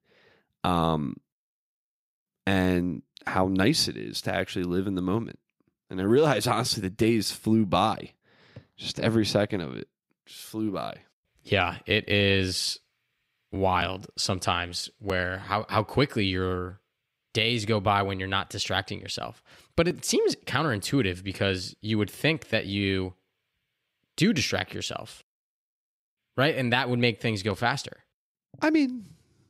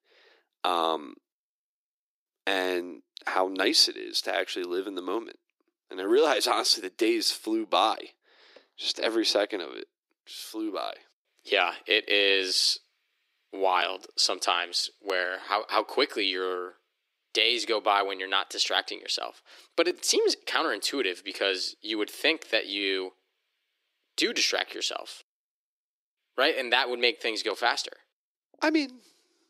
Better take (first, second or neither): first